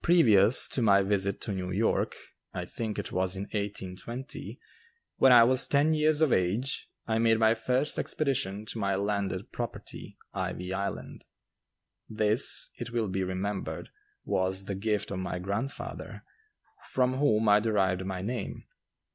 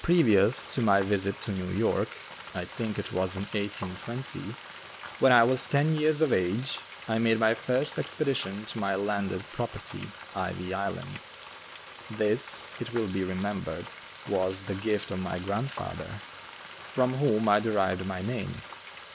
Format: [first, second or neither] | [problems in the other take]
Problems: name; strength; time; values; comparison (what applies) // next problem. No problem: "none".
first | background sound (Frying (food)); 15 dB below the speech